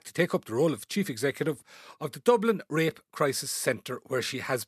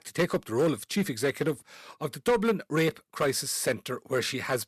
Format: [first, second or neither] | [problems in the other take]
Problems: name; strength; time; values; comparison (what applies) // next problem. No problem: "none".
first | distortion; slight; 4% of the sound clipped